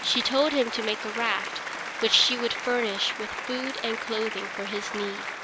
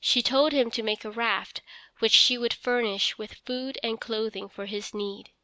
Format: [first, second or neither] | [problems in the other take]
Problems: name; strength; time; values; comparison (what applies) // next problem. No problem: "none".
second | background sound (Applause); 6 dB below the speech